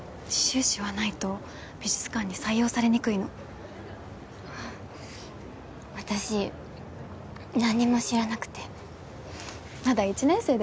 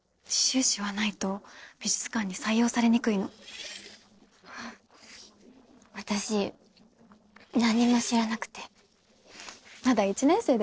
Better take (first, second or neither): first